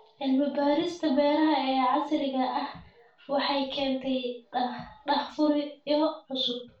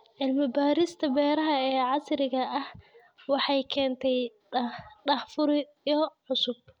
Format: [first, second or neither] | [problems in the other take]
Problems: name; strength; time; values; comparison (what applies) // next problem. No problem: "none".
second | room echo; dies away in 0.3 s